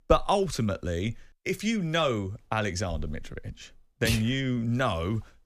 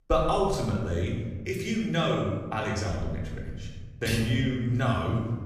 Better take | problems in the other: first | off-mic speech; far // room echo; noticeable; dies away in 1.4 s

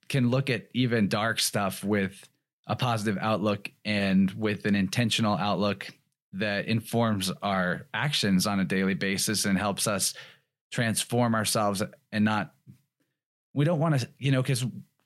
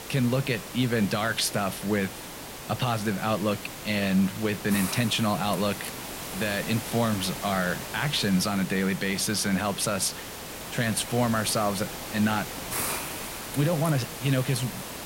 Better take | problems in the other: first | hiss; loud; throughout; 8 dB below the speech

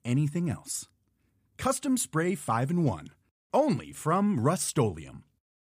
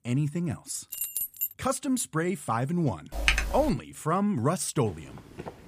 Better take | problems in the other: first | jangling keys; noticeable; at 1 s; peak 1 dB below the speech // keyboard typing; loud; at 3 s; peak 3 dB above the speech // footsteps; faint; at 5 s; peak 15 dB below the speech

